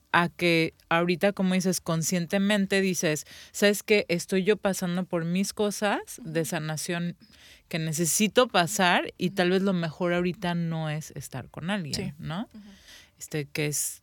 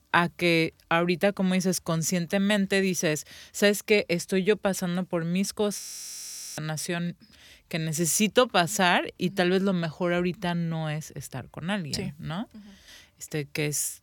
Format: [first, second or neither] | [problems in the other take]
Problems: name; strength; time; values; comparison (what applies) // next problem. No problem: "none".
first | audio freezing; at 6 s for 1 s